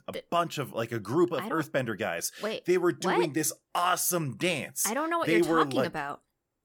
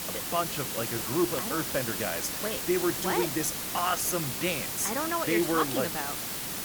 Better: first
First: none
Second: hiss; loud; throughout; 1 dB below the speech

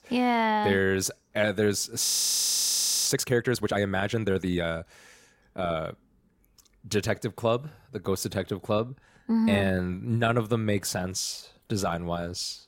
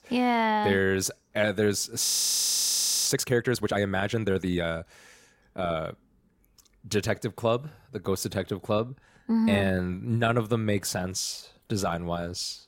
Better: neither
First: audio freezing; at 2 s for 1 s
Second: audio freezing; at 2 s for 1 s

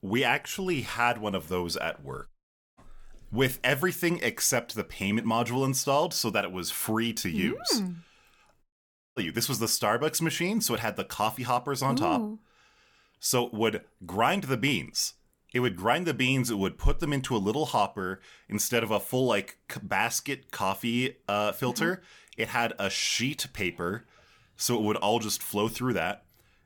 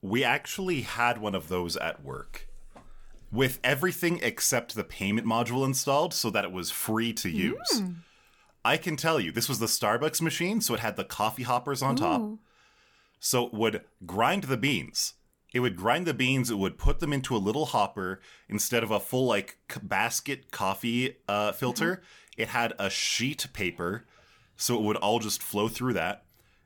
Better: second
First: audio cutting out; at 2.5 s and at 8.5 s for 0.5 s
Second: none

